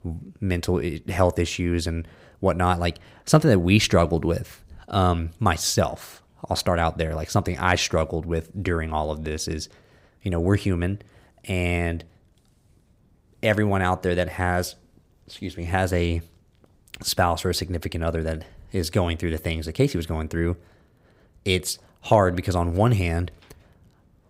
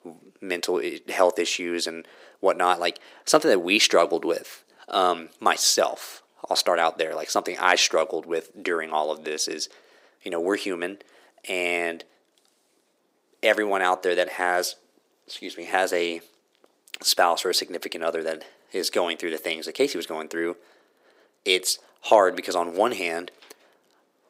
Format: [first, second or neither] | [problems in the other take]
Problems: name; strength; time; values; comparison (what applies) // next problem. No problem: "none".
first | thin; very; fading below 350 Hz